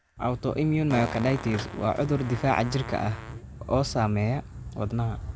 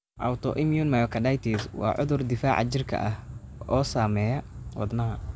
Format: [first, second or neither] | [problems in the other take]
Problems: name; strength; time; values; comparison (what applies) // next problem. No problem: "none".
second | background sound (Fart); 15 dB below the speech